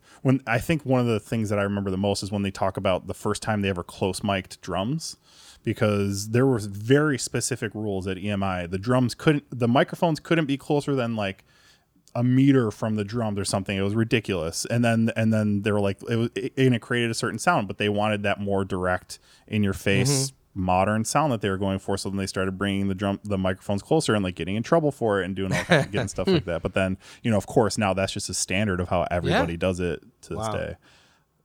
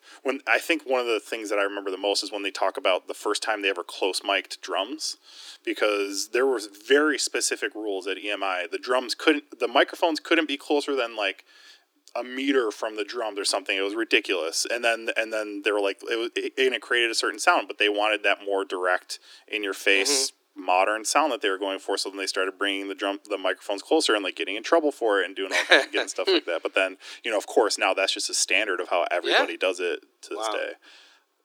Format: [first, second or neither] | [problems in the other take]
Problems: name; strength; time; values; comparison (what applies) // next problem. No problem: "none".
first | thin; somewhat; fading below 300 Hz